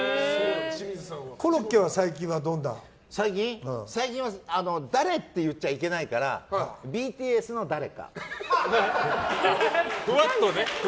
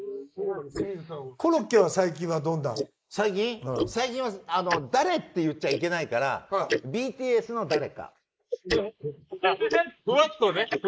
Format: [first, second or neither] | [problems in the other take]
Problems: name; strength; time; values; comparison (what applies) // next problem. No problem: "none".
first | noise reduction (neural mask model Resemble Enhance denoiser)